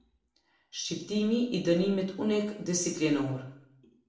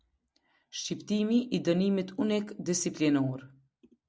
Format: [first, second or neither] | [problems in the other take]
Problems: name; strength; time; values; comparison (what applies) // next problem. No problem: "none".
second | room echo; dies away in 0.7 s